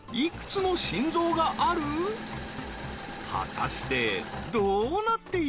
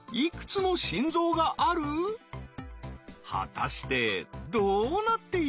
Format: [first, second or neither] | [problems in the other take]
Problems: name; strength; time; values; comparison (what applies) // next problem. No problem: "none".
second | background sound (Engine / Mechanisms); 11 dB below the speech